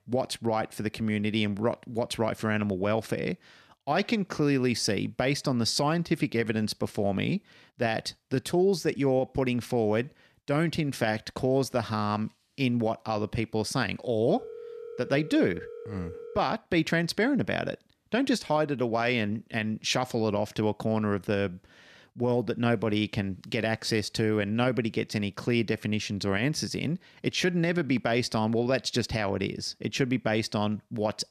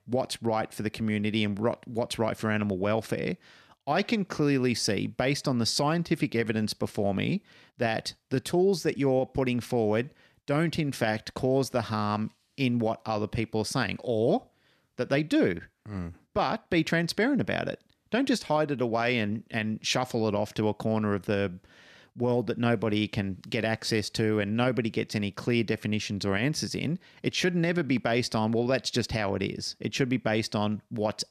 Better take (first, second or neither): second